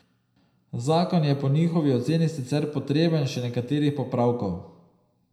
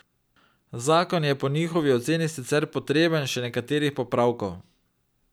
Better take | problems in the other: second | room echo; dies away in 0.7 s

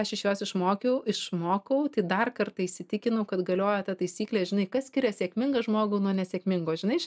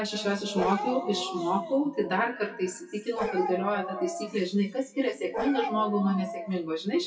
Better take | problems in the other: first | noise reduction (classical method WPE with log-MMSE)

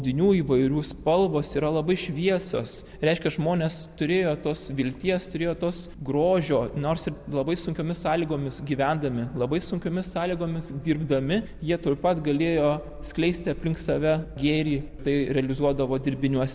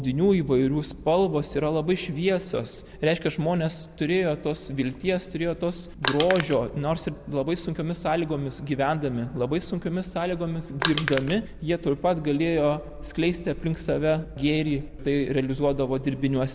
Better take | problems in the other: first | background sound (Crushing); 4 dB below the speech

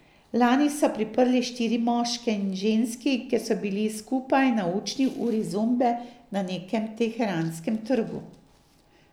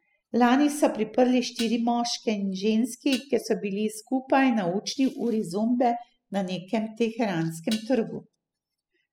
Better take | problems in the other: first | noise reduction (classical method spectral subtraction)

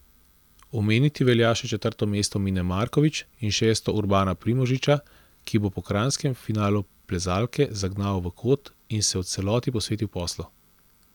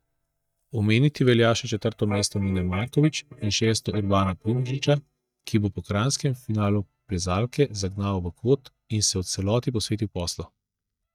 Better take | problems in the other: first | noise reduction (neural mask model DeepFilterNet 3)

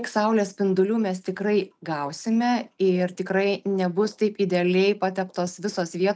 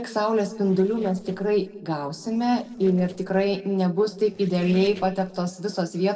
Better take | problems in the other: first | noise reduction (neural separator model SepFormer DNS4)

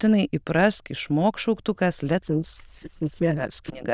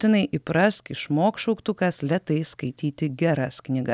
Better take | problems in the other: second | noise reduction (neural diffusion model UNIVERSE++)

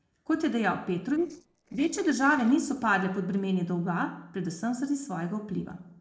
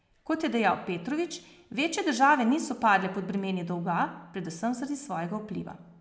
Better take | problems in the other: second | noise reduction (neural separator model SepFormer DNS4)

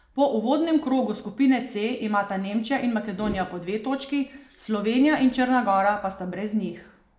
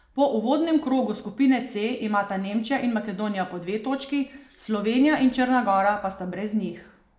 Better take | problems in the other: second | background sound (Whoosh, swoosh, swish); 17 dB below the speech

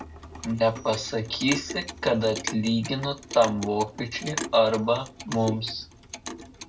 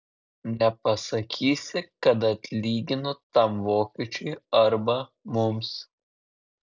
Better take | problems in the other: second | background sound (Clock); 11 dB below the speech // room echo; dies away in 0.2 s

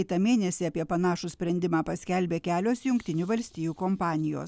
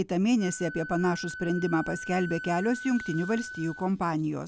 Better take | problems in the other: first | background sound (Wind instrument, woodwind instrument); 12 dB below the speech

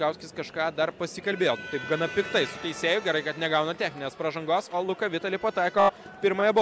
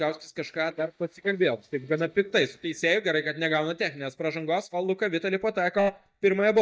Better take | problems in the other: first | noise reduction (neural mask model DeepFilterNet 3)

